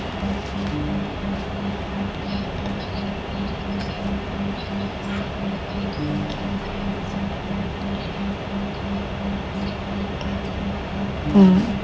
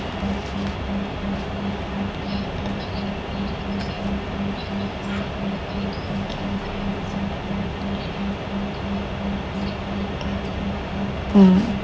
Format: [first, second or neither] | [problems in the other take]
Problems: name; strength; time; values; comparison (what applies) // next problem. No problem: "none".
second | background sound (Piano); 15 dB below the speech